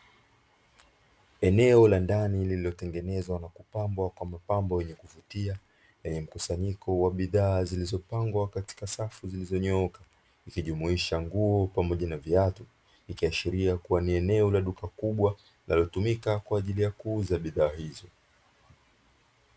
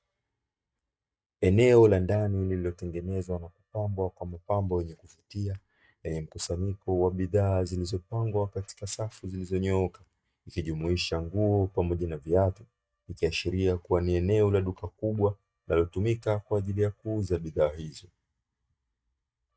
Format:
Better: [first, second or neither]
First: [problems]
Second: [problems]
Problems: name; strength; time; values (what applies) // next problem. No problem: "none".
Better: first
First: none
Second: noise reduction (neural mask model DeepFilterNet 3)